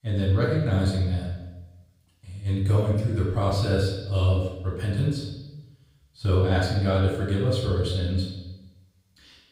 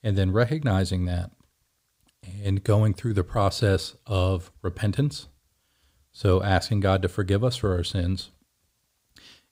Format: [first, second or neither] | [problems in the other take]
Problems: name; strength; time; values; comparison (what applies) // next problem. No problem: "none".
second | room echo; noticeable; dies away in 0.9 s // off-mic speech; far